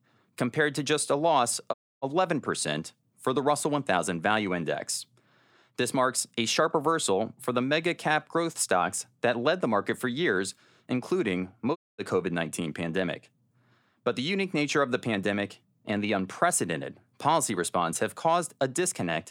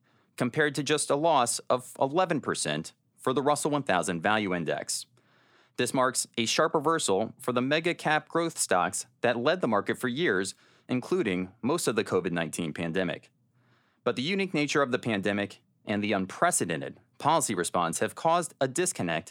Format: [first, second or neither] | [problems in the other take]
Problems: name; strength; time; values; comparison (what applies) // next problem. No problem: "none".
second | audio cutting out; at 1.5 s and at 12 s